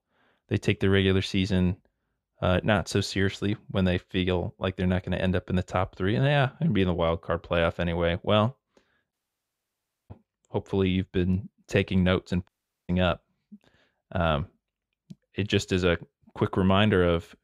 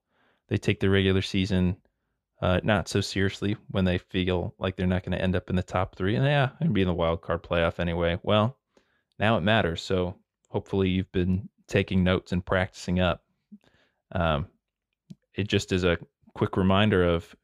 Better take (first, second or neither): second